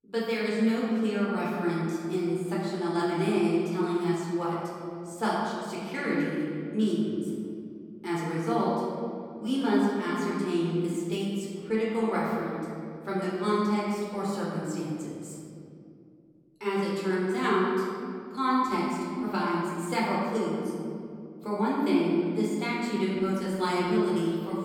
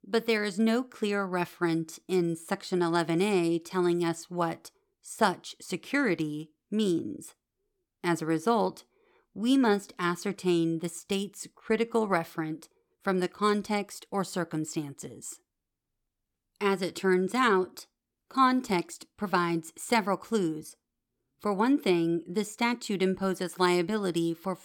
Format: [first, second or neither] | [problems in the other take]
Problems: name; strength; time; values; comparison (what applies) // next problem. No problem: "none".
second | off-mic speech; far // room echo; strong; dies away in 2.3 s